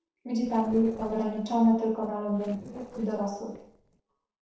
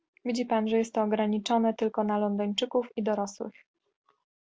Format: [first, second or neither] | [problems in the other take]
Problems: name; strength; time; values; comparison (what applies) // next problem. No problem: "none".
second | noise reduction (neural separator model SepFormer DNS4)